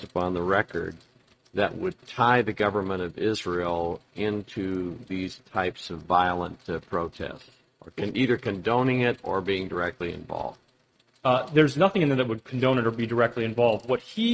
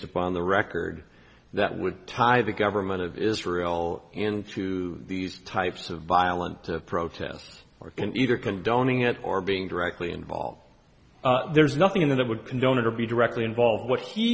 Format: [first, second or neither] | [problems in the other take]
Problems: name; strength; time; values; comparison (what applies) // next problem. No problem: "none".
second | noise reduction (neural mask model RNNoise)